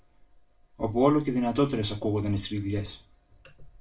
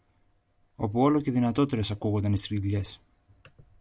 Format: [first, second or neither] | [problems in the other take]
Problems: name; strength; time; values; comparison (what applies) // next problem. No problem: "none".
second | room echo; dies away in 0.2 s